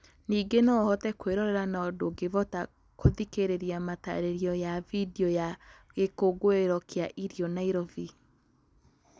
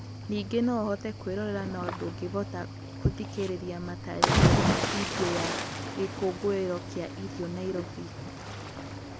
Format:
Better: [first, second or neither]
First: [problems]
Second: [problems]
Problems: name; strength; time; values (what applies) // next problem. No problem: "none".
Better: first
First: none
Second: background sound (Cricket / Waves, surf); 1 dB above the speech